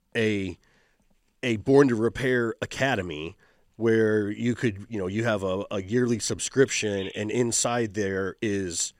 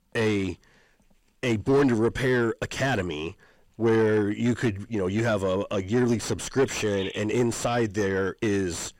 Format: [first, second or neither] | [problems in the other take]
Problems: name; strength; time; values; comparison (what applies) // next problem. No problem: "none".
first | distortion; heavy; 7 dB below the speech